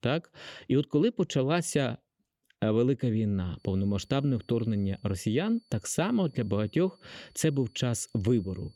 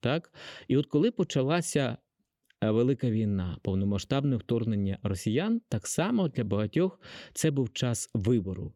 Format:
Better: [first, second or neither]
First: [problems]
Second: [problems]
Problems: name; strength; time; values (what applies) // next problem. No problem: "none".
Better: second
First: high-pitched whine; faint; from 3.5 s on; 4.5 kHz, 35 dB below the speech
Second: none